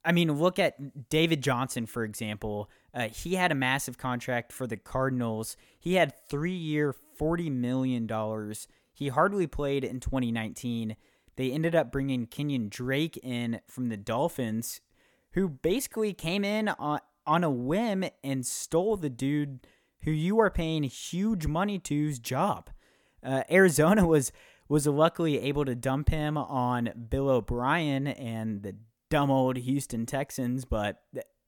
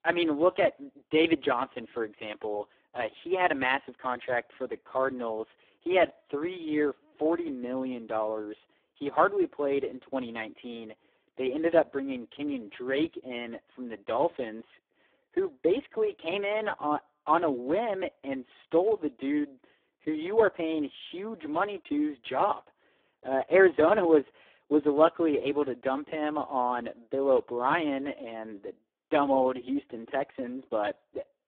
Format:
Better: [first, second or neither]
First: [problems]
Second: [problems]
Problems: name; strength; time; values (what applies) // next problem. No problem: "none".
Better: first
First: none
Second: phone-call audio; poor line; nothing above 3.5 kHz